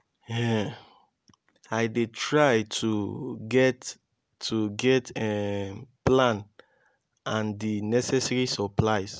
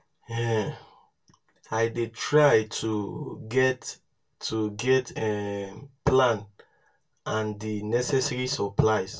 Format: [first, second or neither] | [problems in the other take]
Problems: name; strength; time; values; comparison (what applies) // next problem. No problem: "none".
first | room echo; dies away in 0.1 s